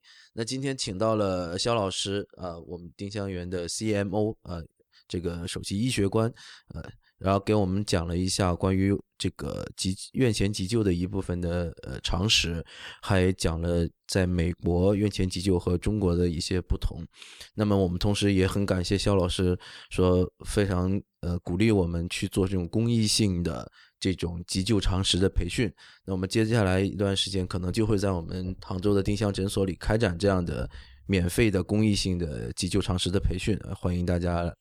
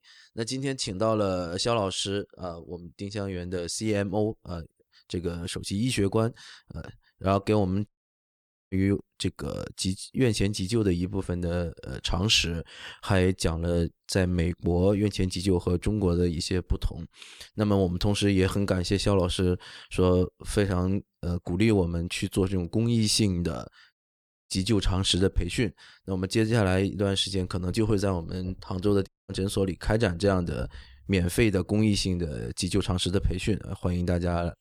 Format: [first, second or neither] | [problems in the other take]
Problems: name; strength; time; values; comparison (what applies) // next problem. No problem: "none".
first | audio cutting out; at 8 s for 1 s, at 24 s for 0.5 s and at 29 s